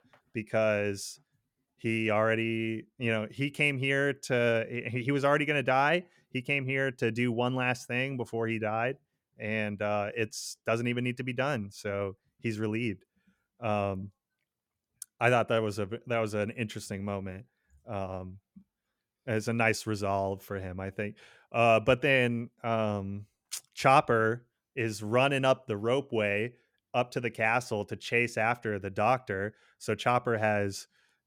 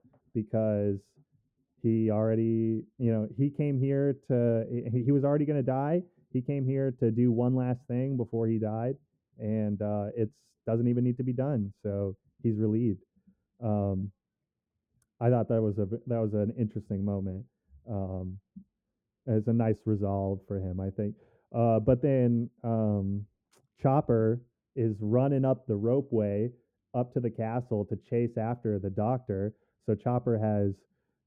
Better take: first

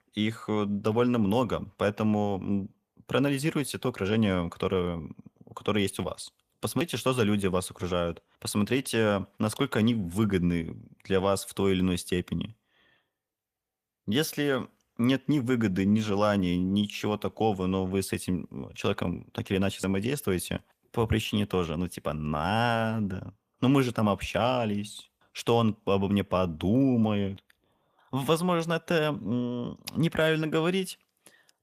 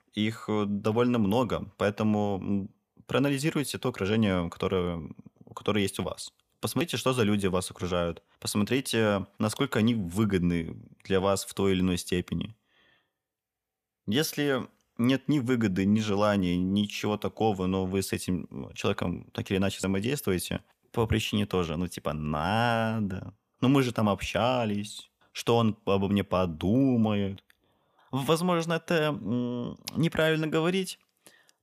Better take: second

